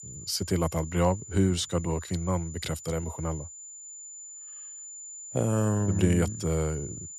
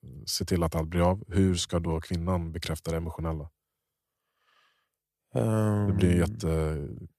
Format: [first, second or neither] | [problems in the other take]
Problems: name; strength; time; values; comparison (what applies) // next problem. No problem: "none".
second | high-pitched whine; noticeable; throughout; 7 kHz, 10 dB below the speech